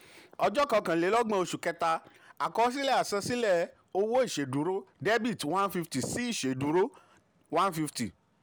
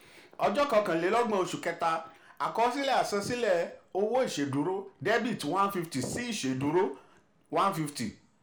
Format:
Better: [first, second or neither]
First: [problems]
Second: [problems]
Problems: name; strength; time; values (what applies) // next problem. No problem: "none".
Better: first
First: none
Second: room echo; dies away in 0.4 s